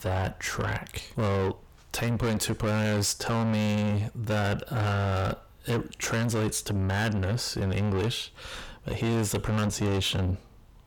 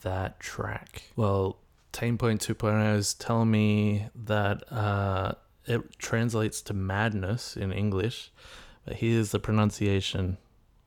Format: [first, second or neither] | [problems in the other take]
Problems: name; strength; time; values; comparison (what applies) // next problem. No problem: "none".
second | distortion; heavy; 6 dB below the speech